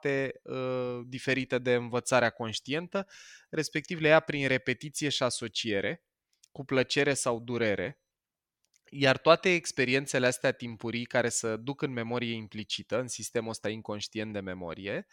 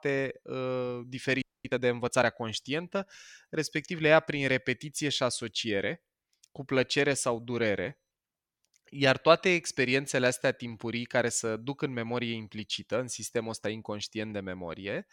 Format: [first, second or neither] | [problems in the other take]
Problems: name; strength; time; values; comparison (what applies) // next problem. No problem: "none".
first | audio freezing; at 1.5 s